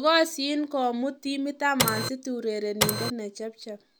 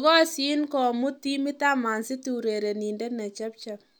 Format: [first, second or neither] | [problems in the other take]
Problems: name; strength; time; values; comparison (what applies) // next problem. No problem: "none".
second | background sound (Printer); 2 dB above the speech